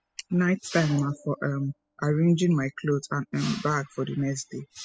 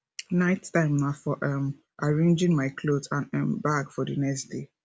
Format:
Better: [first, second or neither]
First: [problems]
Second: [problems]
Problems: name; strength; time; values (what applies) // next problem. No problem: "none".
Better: second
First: noise reduction (classical method spectral subtraction)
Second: none